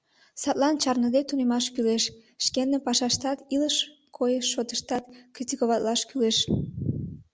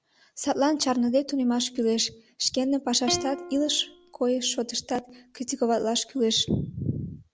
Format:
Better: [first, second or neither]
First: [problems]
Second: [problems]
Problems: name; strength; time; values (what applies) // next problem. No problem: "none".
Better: first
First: none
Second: background sound (Plucked string instrument); 13 dB below the speech